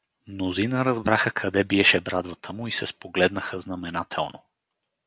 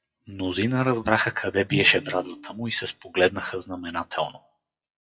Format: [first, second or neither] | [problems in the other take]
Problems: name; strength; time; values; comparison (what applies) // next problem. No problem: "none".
first | noise reduction (classical method WPE with log-MMSE)